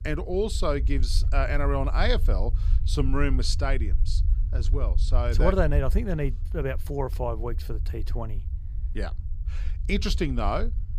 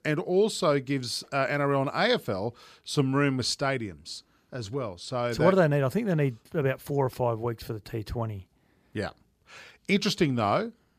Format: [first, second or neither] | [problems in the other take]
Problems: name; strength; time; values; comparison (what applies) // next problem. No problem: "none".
second | low rumble; noticeable; throughout; 20 dB below the speech